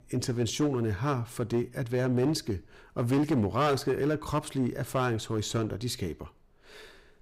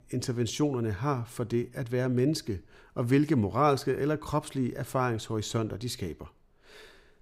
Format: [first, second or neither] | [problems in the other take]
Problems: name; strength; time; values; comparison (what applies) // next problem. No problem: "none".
second | distortion; slight; 6% of the sound clipped